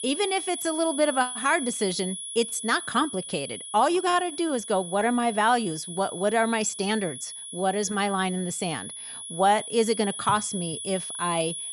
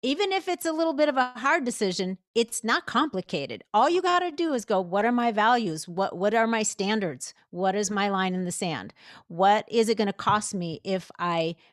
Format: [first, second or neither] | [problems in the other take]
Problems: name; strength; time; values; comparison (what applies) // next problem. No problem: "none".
second | high-pitched whine; loud; throughout; 10 kHz, 8 dB below the speech